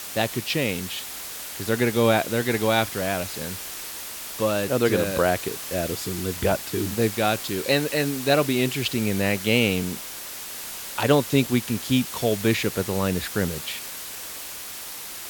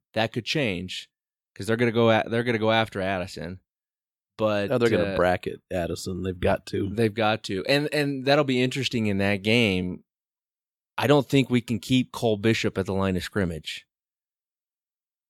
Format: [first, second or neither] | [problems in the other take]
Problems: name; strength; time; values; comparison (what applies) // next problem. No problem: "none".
second | hiss; loud; throughout; 8 dB below the speech